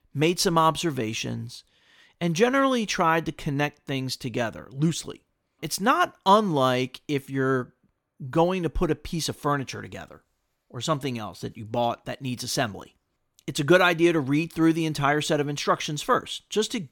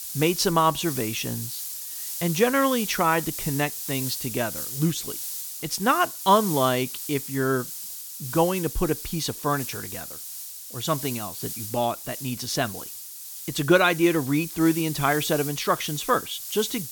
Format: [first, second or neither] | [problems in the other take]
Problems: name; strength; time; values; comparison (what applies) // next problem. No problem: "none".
first | hiss; loud; throughout; 7 dB below the speech